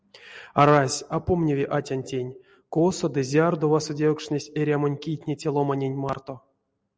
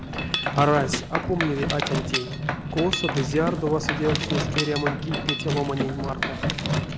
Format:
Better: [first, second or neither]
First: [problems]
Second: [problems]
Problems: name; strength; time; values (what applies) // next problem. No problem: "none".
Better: first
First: none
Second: background sound (Mechanisms); as loud as the speech